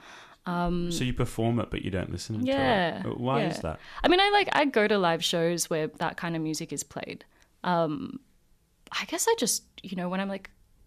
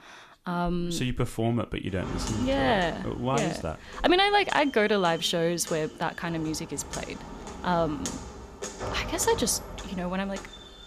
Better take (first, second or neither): first